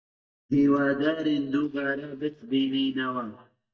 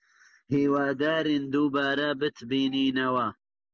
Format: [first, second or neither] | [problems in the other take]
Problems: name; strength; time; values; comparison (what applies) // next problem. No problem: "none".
second | noise reduction (neural mask model DeepFilterNet 3)